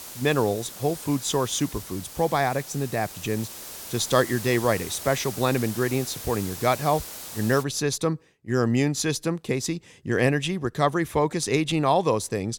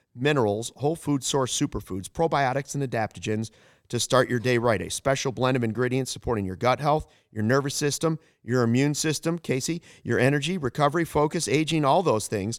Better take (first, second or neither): second